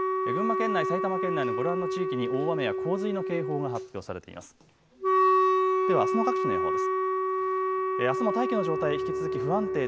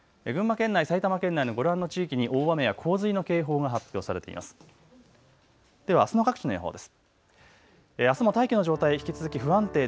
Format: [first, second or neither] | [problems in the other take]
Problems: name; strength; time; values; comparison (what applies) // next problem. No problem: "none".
second | background sound (Wind instrument, woodwind instrument); 4 dB above the speech